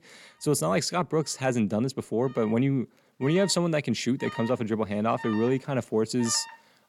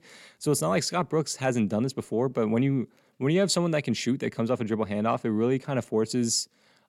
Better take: second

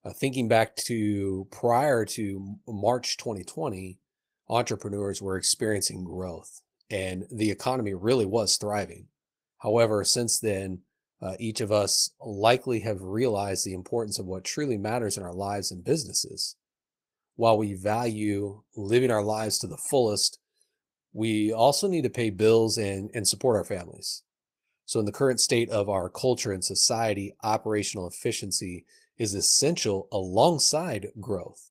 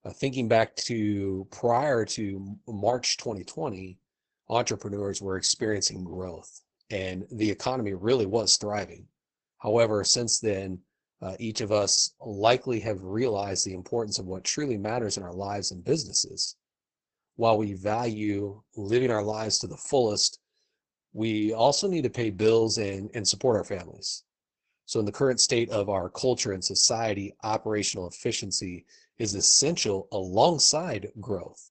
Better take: first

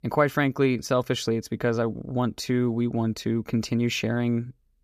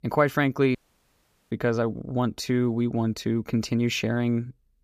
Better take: first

